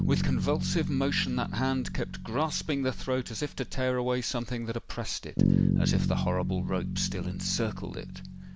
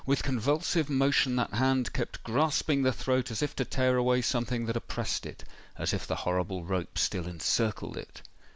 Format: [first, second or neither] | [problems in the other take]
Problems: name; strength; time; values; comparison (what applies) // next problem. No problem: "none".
second | background sound (Bass guitar); 1 dB below the speech